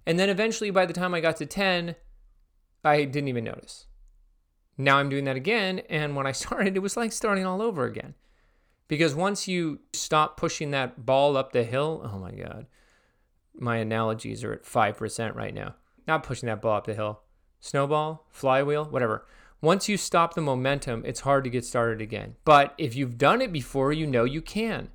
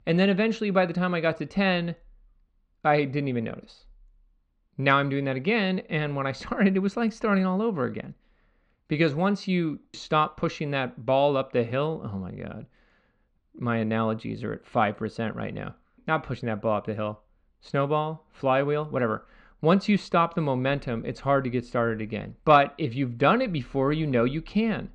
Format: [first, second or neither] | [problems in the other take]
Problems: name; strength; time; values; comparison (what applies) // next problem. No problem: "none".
first | muffled; slightly; fading above 4 kHz